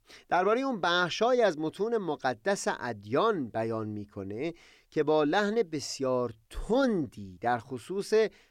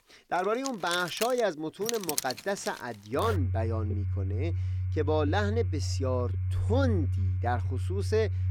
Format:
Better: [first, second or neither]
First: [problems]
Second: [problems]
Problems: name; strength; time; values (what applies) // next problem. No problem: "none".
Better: first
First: none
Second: household noises; very loud; throughout; as loud as the speech